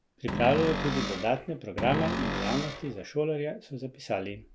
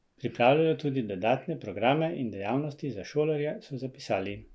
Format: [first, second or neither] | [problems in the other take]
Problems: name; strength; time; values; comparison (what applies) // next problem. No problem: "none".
second | background sound (Cupboard open or close); 3 dB below the speech